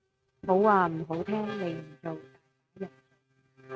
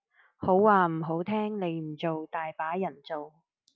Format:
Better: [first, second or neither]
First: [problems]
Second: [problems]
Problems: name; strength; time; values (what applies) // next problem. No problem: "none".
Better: second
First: noise reduction (neural mask model RNNoise)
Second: none